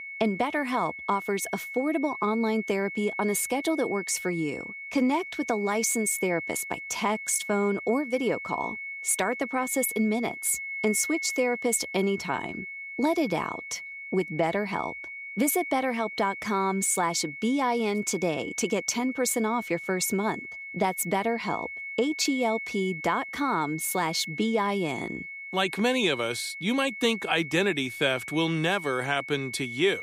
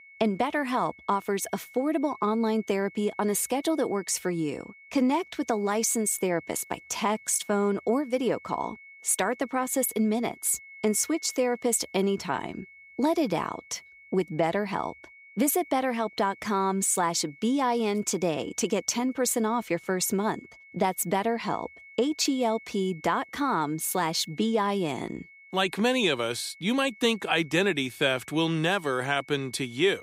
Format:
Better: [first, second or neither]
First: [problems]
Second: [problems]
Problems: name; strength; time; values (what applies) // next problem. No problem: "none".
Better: second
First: high-pitched whine; loud; throughout; 2 kHz, 8 dB below the speech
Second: high-pitched whine; faint; throughout; 2 kHz, 20 dB below the speech